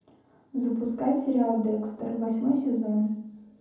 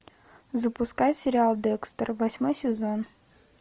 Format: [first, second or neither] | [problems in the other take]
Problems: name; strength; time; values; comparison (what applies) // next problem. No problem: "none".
second | room echo; dies away in 0.9 s